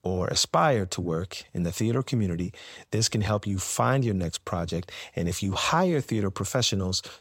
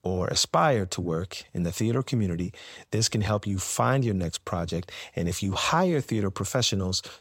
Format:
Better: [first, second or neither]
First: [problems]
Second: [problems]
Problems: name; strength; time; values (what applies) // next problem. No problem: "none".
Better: neither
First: none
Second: none